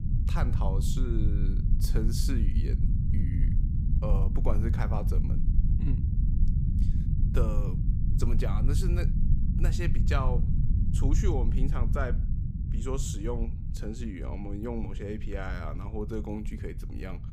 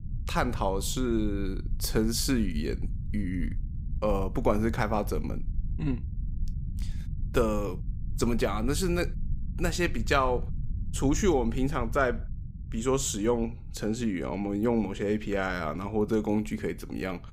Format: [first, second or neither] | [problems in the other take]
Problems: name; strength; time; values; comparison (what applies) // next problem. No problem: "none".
second | low rumble; loud; throughout; 5 dB below the speech; faint in the second